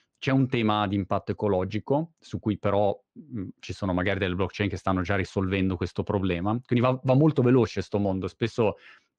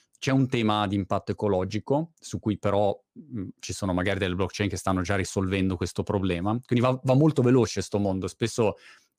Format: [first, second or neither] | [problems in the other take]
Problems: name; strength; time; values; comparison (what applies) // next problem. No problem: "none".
second | muffled; slightly; fading above 3 kHz